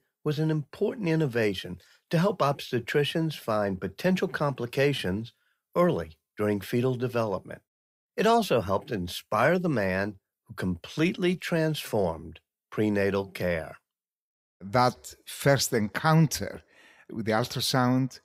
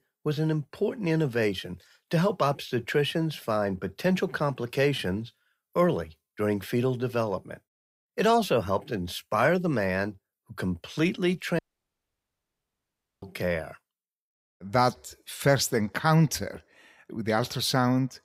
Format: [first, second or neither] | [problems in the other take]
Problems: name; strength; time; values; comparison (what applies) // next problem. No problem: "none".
first | audio cutting out; at 12 s for 1.5 s